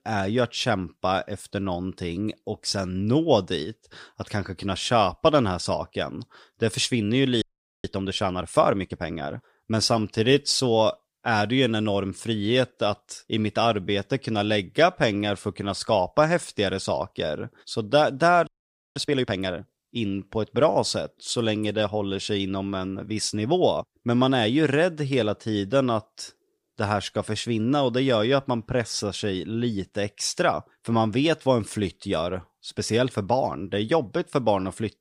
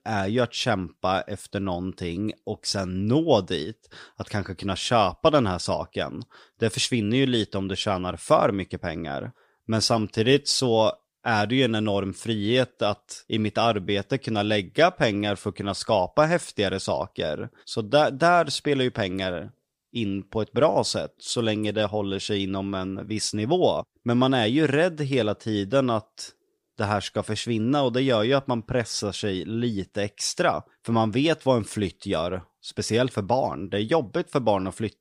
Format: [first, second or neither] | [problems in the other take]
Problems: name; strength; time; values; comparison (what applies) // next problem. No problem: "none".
second | audio freezing; at 7.5 s and at 18 s